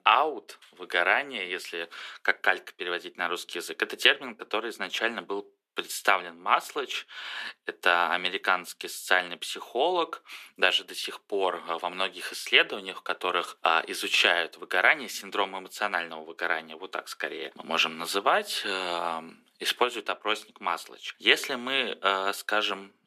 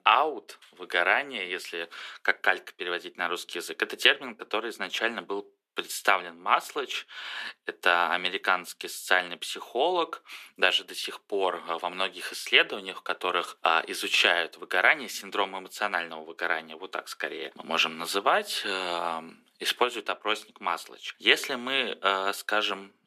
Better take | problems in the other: neither | thin; very; fading below 400 Hz; the same in both

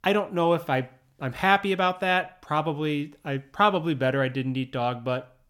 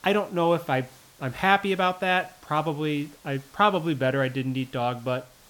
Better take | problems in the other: first | hiss; faint; throughout; 25 dB below the speech

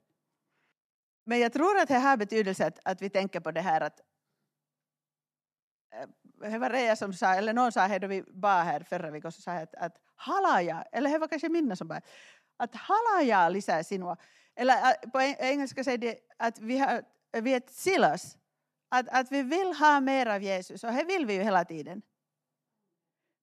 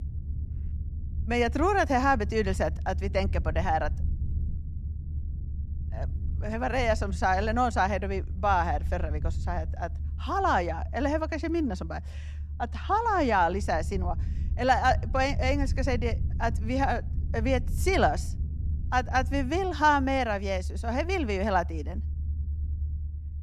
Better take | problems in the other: first | low rumble; faint; throughout; 25 dB below the speech

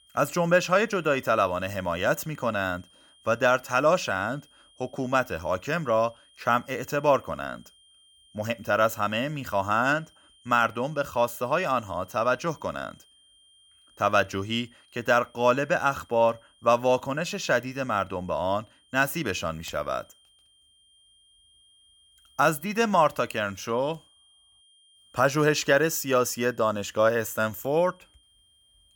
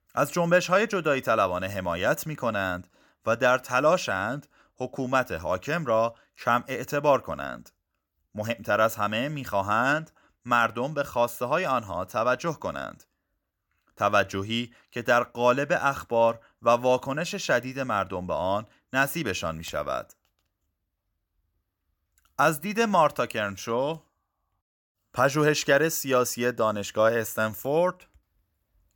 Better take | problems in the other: second | high-pitched whine; faint; throughout; 3 kHz, 30 dB below the speech

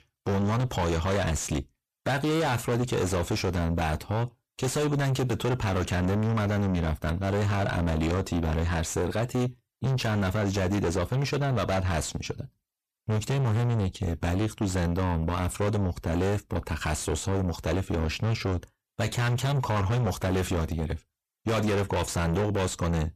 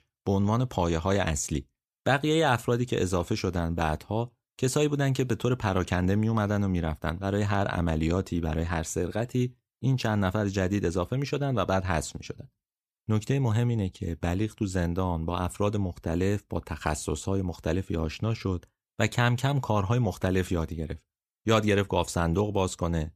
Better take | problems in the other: second | distortion; heavy; 6 dB below the speech

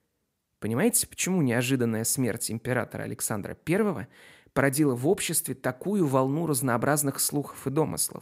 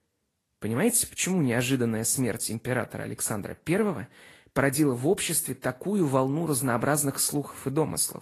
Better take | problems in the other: first | garbled, watery; slightly; nothing above 12 kHz

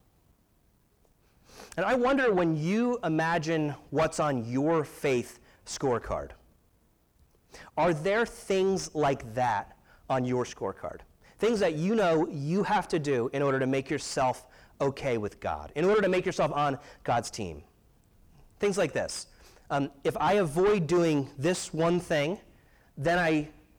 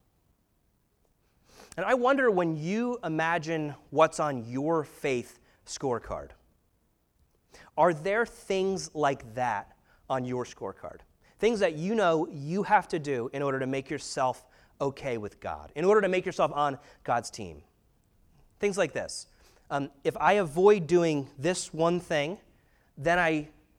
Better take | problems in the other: second | distortion; heavy; 8 dB below the speech

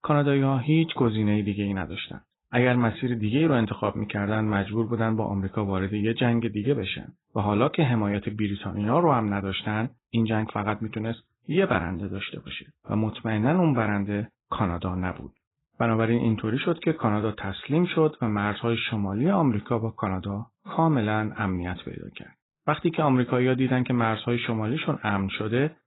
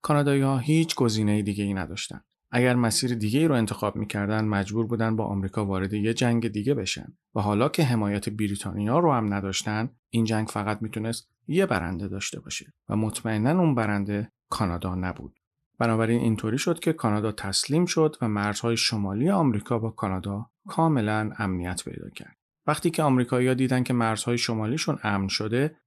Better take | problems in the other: second | garbled, watery; badly; nothing above 4 kHz

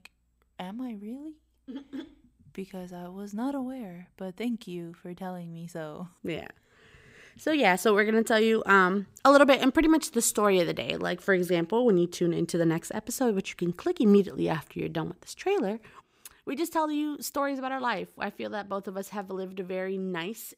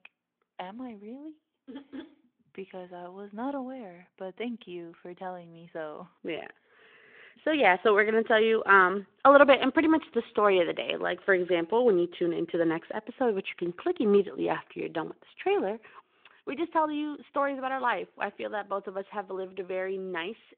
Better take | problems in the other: first | phone-call audio

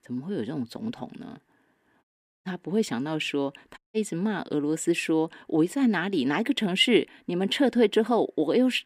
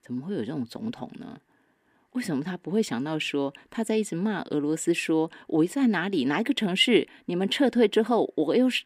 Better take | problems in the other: second | audio cutting out; at 2 s and at 4 s

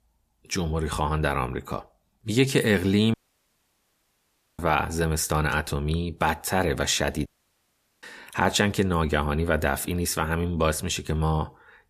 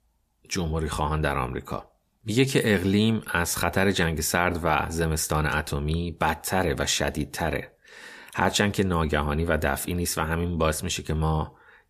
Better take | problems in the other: second | audio cutting out; at 3 s for 1.5 s and at 7.5 s for 1 s

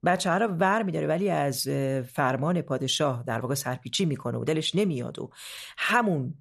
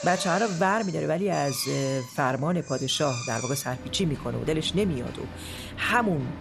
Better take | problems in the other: first | machinery noise; noticeable; throughout; 10 dB below the speech

